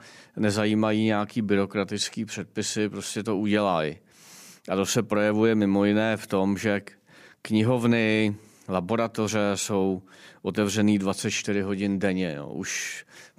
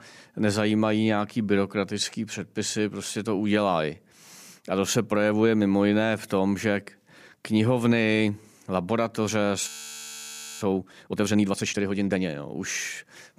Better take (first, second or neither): first